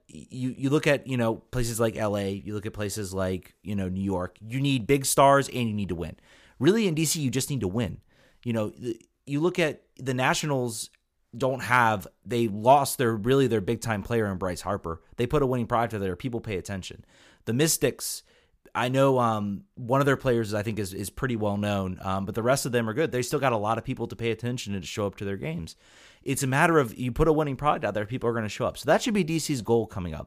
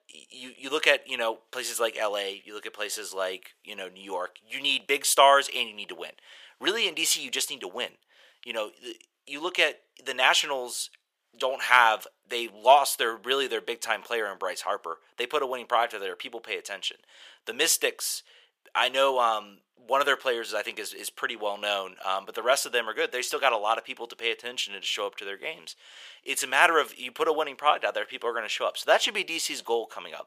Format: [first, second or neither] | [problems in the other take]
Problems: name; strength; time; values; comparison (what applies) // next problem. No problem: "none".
first | thin; very; fading below 500 Hz